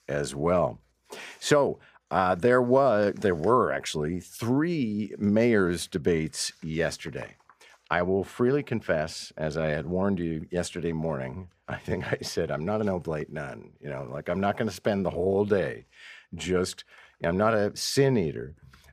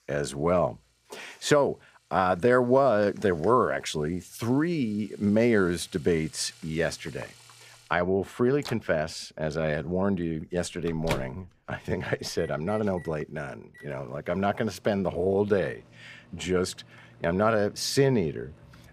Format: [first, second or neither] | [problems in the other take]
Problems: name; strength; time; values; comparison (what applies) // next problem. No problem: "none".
first | household noises; faint; throughout; 20 dB below the speech